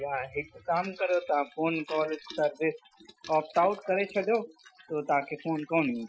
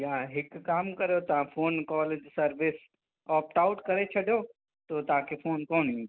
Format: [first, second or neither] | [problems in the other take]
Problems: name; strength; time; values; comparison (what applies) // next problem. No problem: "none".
second | noise reduction (classical method Wiener filter)